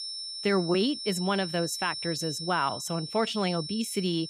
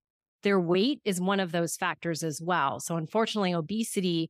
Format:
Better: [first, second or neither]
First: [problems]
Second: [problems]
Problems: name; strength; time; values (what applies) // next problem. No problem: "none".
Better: second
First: high-pitched whine; loud; throughout; 5.5 kHz, 6 dB below the speech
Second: none